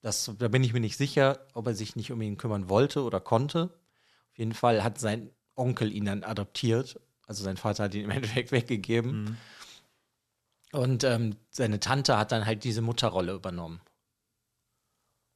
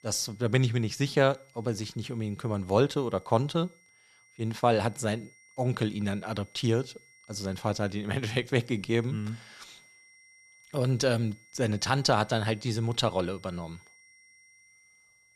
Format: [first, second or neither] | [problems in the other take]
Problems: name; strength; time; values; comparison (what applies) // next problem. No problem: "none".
first | high-pitched whine; faint; throughout; 2 kHz, 30 dB below the speech